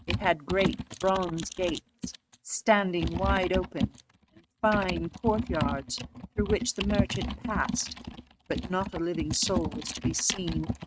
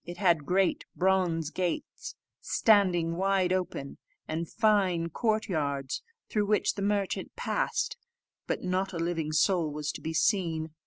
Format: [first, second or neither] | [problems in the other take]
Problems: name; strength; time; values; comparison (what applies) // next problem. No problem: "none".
second | noise reduction (neural mask model RNNoise)